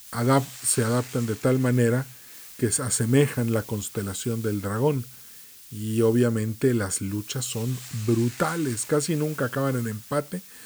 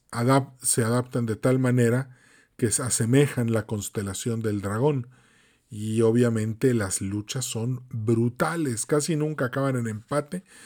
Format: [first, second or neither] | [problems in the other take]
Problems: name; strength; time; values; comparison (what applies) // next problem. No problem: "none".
second | hiss; noticeable; throughout; 15 dB below the speech